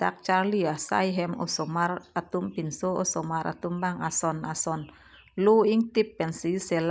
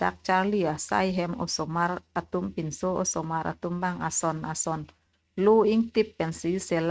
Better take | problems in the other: first | noise reduction (neural mask model RNNoise)

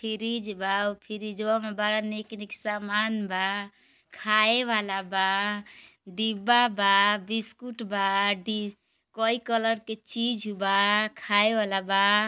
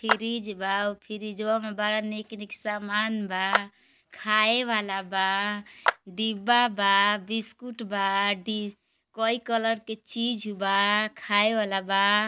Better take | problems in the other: first | background sound (Clapping); 6 dB below the speech

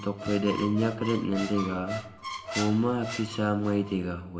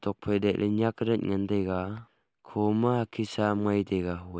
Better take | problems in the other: second | background sound (Squeak); 10 dB below the speech // room echo; dies away in 1.9 s

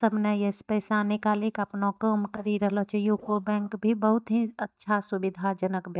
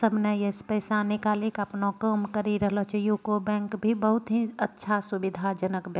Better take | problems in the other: second | noise reduction (neural mask model DeepFilterNet 3)

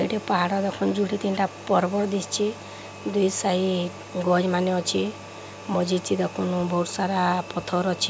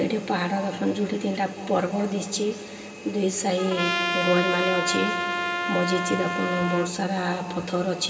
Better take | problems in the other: first | background sound (Trumpet); 2 dB below the speech // room echo; dies away in 2.2 s

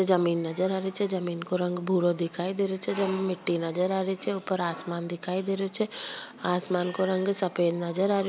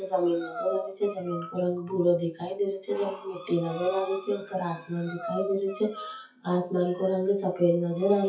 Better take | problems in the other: first | noise reduction (classical method WPE with log-MMSE)

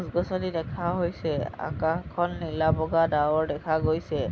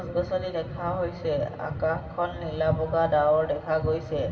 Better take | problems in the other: first | room echo; dies away in 2.3 s

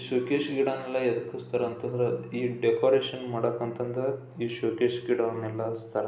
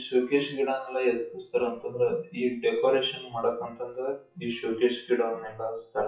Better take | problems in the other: first | noise reduction (classical method WPE with log-MMSE)

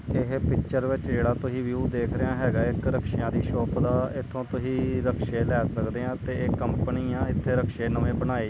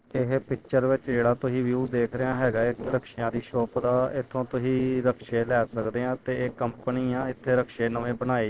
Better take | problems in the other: first | noise reduction (neural separator model SepFormer DNS4)

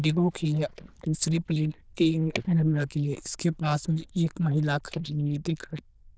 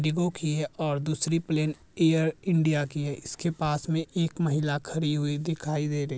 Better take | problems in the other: second | noise reduction (neural diffusion model UNIVERSE++)

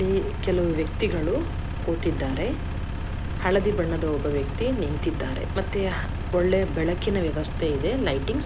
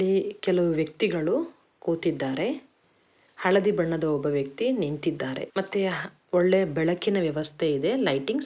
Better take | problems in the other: second | background sound (Engine); 2 dB below the speech

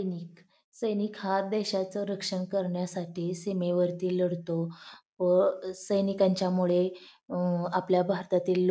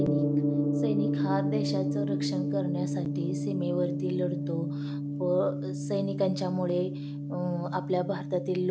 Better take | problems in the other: first | background sound (Gong); 2 dB above the speech

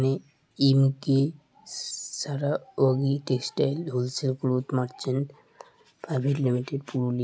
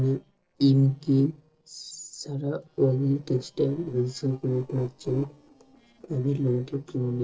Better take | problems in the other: first | noise reduction (neural separator model SepFormer DNS4)

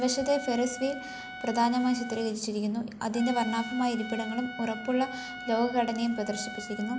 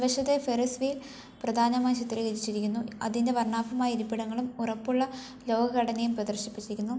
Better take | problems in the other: second | background sound (Trumpet); 12 dB below the speech

